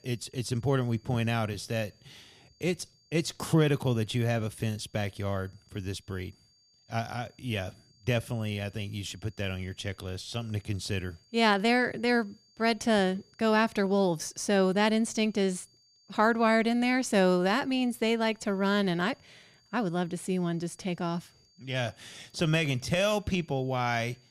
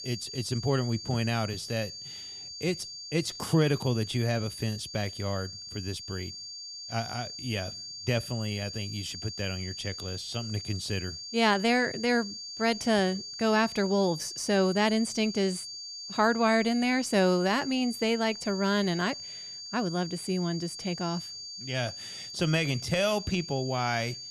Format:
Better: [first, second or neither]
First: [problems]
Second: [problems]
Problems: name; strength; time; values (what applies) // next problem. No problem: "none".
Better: first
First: high-pitched whine; faint; throughout; 4.5 kHz, 35 dB below the speech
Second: high-pitched whine; loud; throughout; 4.5 kHz, 9 dB below the speech